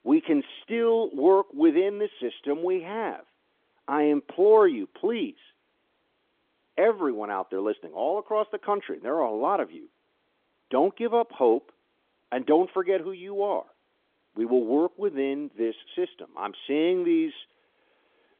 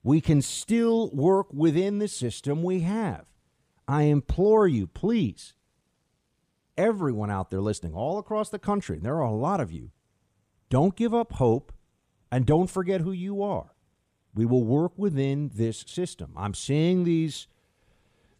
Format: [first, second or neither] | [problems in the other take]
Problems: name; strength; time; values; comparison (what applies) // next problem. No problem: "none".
second | phone-call audio; nothing above 3.5 kHz